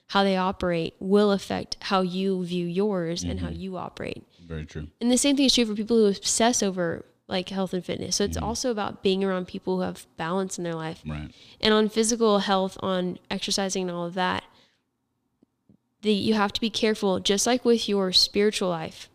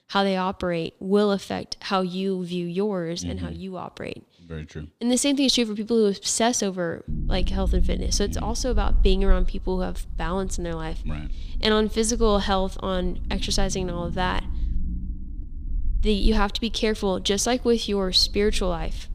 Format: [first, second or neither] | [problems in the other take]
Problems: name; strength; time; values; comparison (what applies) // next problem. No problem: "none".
first | low rumble; faint; from 7 s on; 25 dB below the speech